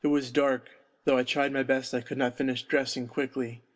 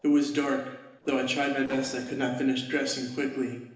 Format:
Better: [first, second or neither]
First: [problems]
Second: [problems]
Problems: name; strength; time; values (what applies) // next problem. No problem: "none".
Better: first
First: none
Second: noise reduction (neural separator model SepFormer DNS4)